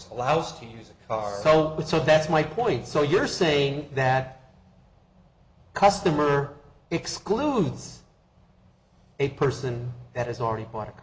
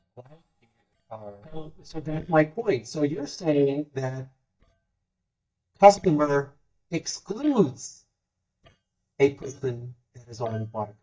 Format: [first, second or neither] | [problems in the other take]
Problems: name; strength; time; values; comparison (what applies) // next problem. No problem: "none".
first | noise reduction (neural mask model DeepFilterNet 3)